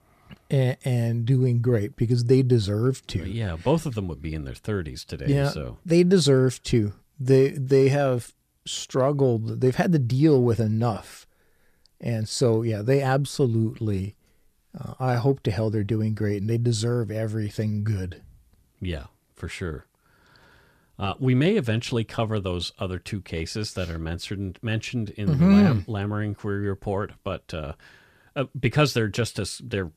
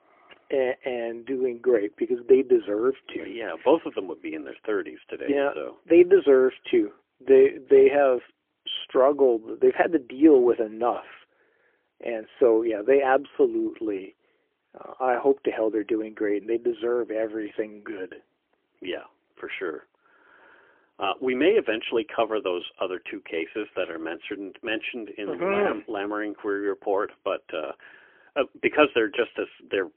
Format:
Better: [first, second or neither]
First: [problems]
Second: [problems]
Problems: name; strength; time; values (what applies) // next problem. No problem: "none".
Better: first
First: none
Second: phone-call audio; poor line; nothing above 3 kHz